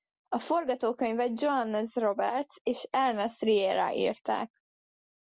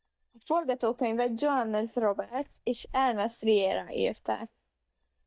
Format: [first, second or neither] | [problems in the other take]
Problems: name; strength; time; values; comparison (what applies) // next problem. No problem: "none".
first | noise reduction (neural mask model DeepFilterNet 3)